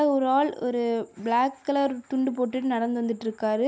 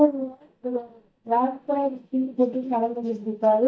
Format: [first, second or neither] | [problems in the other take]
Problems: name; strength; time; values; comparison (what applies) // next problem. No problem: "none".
first | noise reduction (neural mask model DeepFilterNet 3)